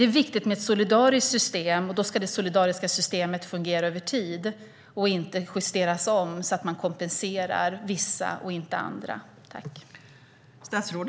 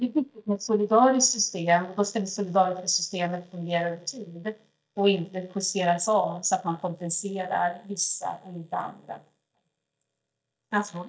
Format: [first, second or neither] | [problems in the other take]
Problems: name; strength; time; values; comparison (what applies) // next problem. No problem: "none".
first | noise reduction (neural mask model DeepFilterNet 3)